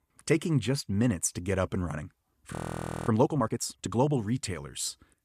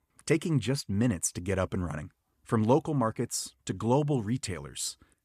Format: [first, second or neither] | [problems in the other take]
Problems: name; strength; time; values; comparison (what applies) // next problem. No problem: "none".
second | audio freezing; at 2.5 s for 0.5 s